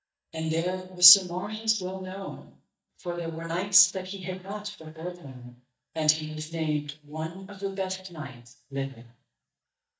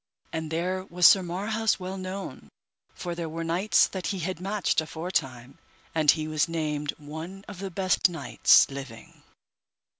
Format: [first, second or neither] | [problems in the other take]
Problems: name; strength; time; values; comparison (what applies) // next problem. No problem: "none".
second | noise reduction (neural mask model DeepFilterNet 3)